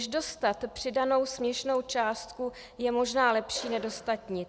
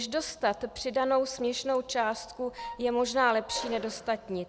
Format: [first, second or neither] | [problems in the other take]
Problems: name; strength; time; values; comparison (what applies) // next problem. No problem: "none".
first | background sound (Wind instrument, woodwind instrument); 13 dB below the speech